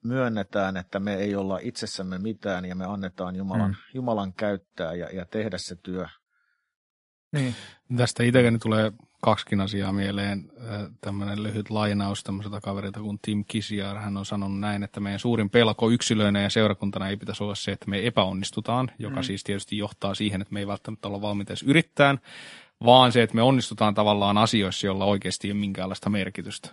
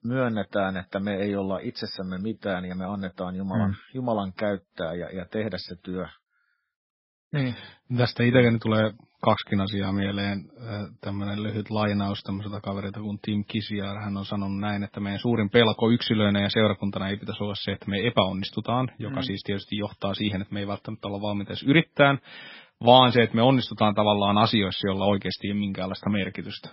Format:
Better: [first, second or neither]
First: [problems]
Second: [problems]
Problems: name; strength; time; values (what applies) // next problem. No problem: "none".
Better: first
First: garbled, watery; slightly; nothing above 11 kHz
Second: garbled, watery; badly; nothing above 5.5 kHz